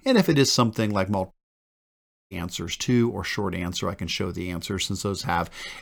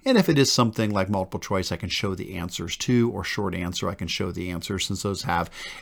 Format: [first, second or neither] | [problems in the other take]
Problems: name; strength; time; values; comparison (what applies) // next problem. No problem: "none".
second | audio cutting out; at 1.5 s for 1 s